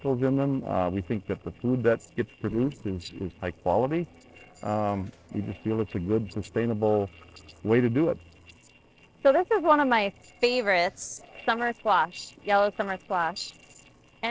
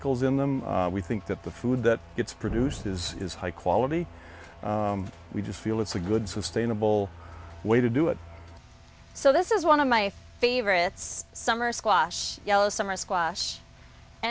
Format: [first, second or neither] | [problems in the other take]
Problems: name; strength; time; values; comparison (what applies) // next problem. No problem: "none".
second | noise reduction (neural separator model SepFormer DNS4)